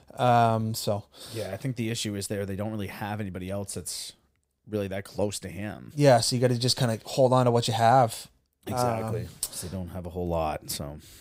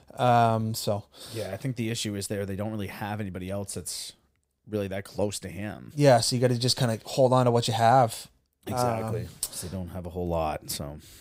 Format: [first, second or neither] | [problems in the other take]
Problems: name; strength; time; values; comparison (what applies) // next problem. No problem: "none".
neither | none